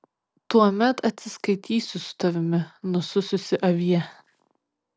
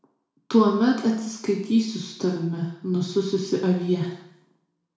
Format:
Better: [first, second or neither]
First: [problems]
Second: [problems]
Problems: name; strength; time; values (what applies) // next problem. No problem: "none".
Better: first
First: none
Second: room echo; dies away in 0.6 s